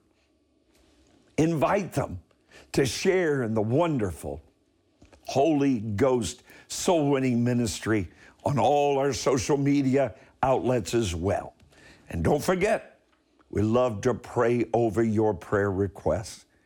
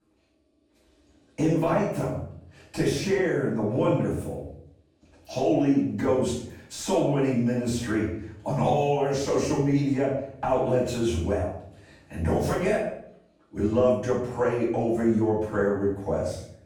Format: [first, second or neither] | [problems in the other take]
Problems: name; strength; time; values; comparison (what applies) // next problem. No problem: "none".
first | room echo; noticeable; dies away in 0.6 s // off-mic speech; far